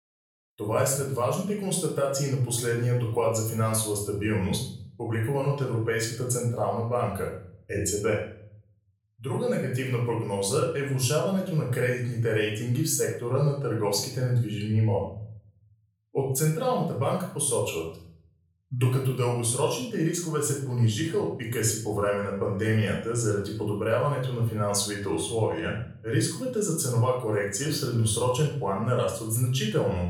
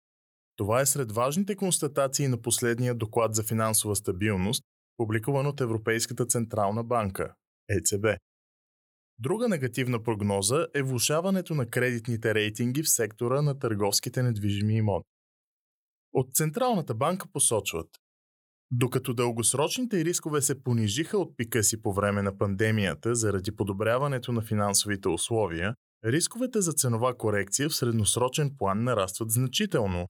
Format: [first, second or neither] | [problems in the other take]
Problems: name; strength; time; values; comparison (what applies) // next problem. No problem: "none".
second | off-mic speech; far // room echo; noticeable; dies away in 0.5 s